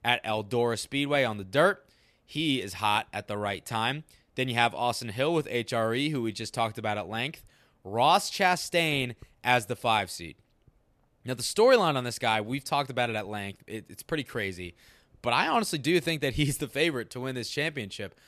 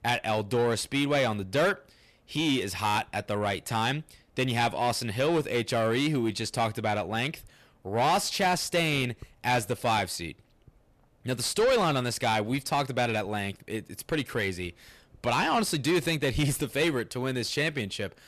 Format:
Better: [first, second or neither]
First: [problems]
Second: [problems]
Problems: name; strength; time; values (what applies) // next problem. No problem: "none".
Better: first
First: none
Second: distortion; heavy; 8 dB below the speech